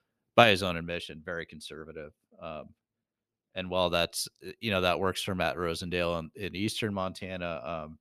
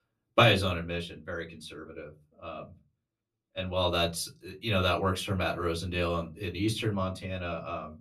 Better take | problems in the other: first | off-mic speech; far // room echo; very slight; dies away in 0.2 s

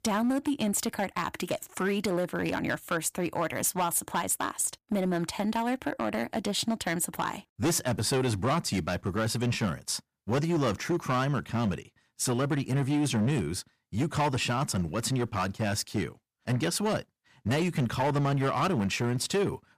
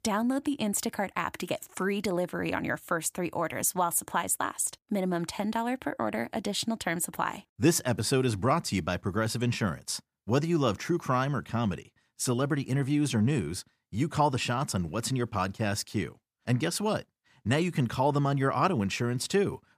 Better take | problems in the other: second | distortion; slight; 10% of the sound clipped

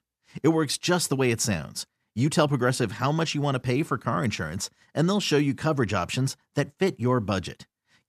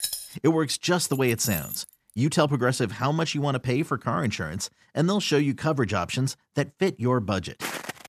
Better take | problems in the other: first | jangling keys; noticeable; at the start and at 1 s; peak 4 dB below the speech // footsteps; noticeable; at 7.5 s; peak 7 dB below the speech

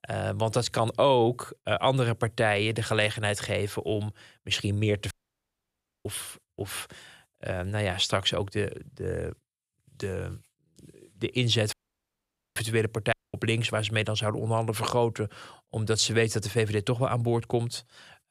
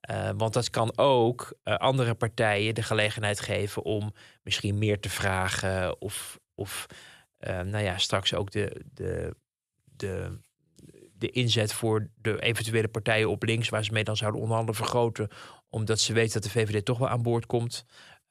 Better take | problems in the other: second | audio cutting out; at 5 s for 1 s, at 12 s for 1 s and at 13 s

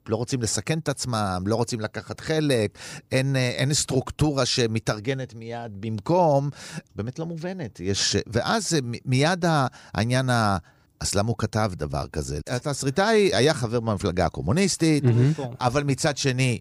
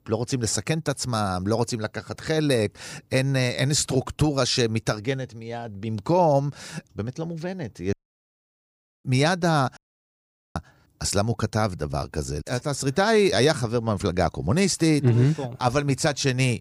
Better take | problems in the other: first | audio cutting out; at 8 s for 1 s and at 10 s for 1 s

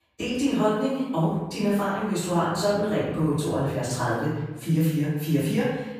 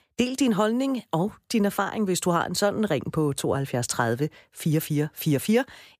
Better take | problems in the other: second | off-mic speech; far // room echo; strong; dies away in 1 s

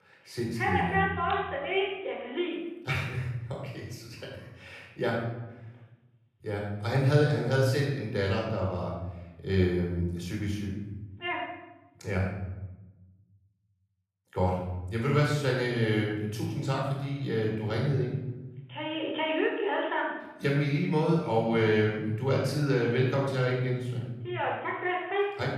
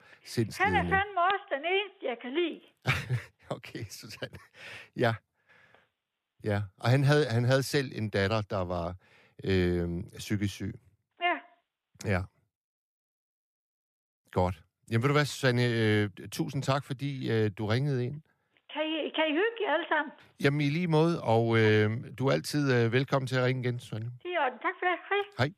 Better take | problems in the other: second | off-mic speech; somewhat distant // room echo; noticeable; dies away in 1 s

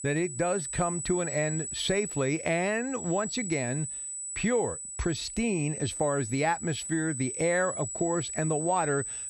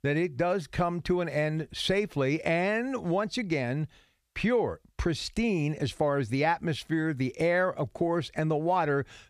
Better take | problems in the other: second | high-pitched whine; loud; throughout; 8 kHz, 5 dB below the speech

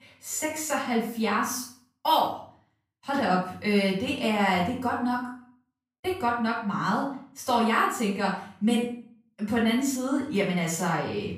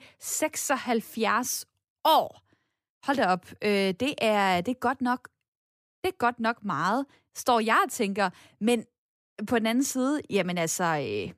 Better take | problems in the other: second | off-mic speech; far // room echo; noticeable; dies away in 0.5 s

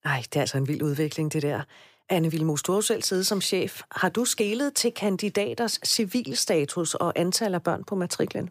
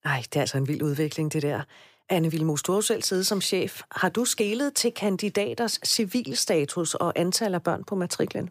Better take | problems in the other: neither | none

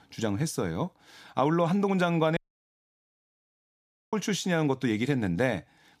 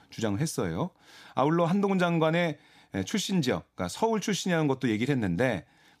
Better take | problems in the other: second | audio cutting out; at 2.5 s for 2 s

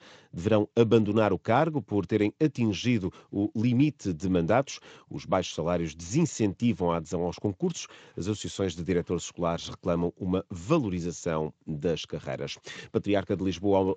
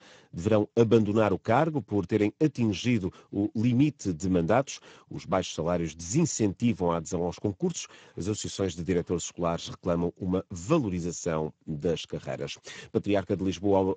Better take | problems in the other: first | garbled, watery; badly; nothing above 7.5 kHz; slightly in the first

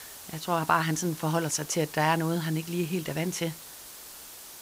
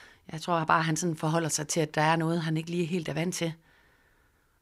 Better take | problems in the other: second | hiss; noticeable; throughout; 15 dB below the speech

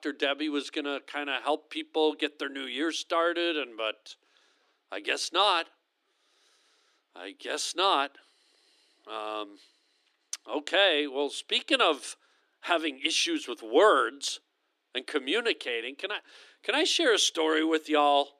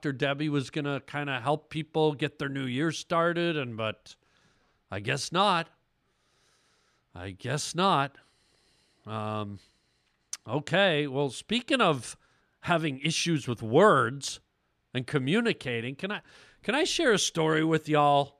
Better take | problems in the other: second | thin; somewhat; fading below 300 Hz

